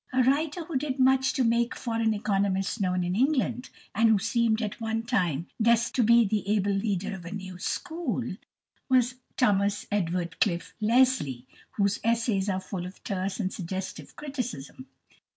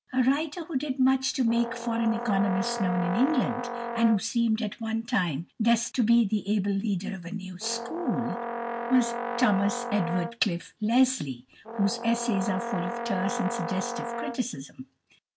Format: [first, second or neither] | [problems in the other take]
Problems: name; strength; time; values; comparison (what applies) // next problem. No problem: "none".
first | background sound (Brass instrument); 6 dB below the speech